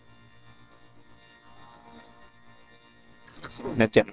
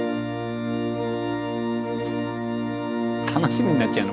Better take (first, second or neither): second